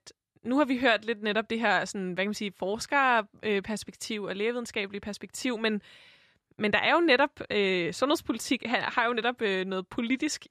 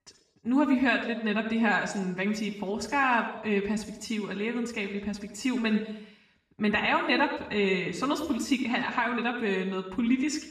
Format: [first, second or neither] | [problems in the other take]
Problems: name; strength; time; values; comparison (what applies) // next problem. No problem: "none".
first | room echo; noticeable; dies away in 0.7 s // off-mic speech; far